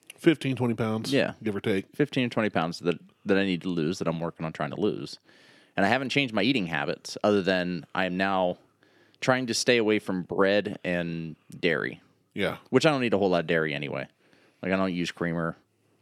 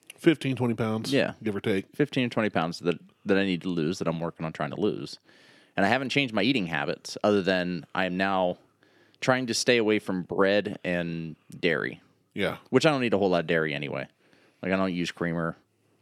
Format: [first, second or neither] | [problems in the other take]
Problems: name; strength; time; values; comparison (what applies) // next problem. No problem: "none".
neither | none